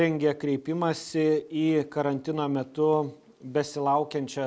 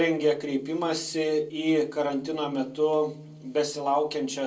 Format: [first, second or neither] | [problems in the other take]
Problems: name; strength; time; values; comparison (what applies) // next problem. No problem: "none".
first | room echo; dies away in 0.2 s